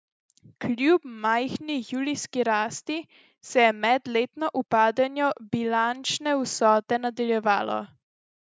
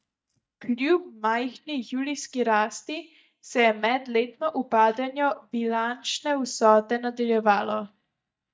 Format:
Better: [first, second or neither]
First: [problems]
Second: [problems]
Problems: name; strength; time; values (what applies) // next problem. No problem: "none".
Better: first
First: none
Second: noise reduction (neural mask model DeepFilterNet 3)